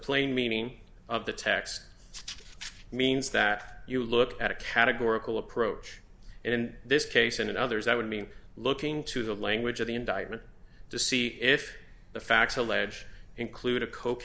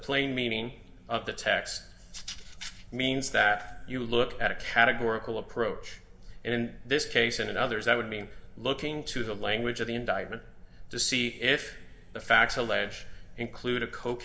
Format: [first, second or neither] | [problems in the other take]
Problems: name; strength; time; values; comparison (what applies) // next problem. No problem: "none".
first | room echo; dies away in 0.7 s